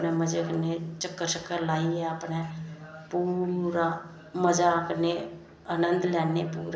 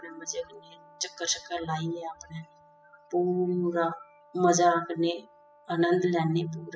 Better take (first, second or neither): first